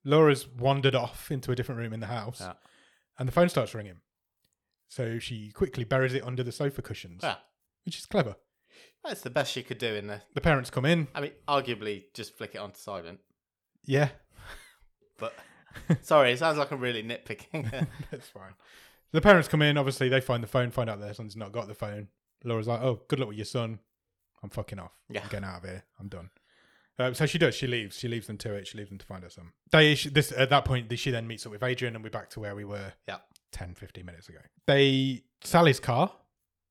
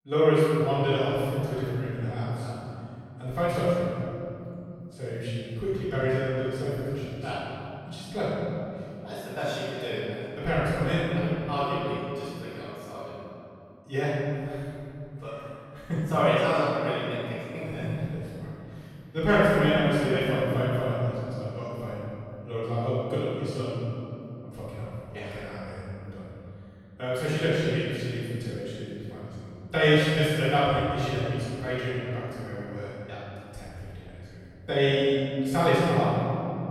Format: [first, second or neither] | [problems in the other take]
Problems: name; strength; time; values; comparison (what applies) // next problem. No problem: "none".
first | room echo; strong; dies away in 3 s // off-mic speech; far